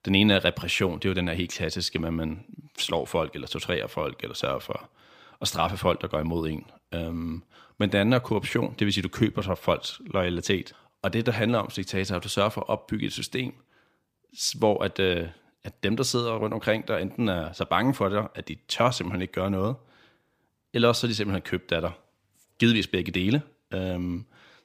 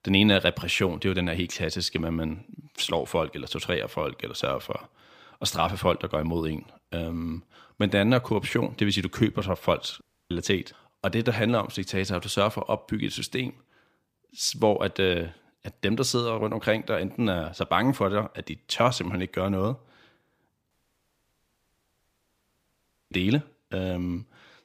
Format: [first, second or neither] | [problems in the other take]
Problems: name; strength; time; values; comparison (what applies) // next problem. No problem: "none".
first | audio cutting out; at 10 s and at 21 s for 2.5 s